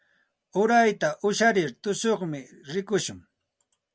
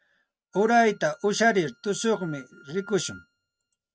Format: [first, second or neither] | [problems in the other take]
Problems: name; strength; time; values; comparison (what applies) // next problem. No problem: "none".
first | noise reduction (neural mask model RNNoise)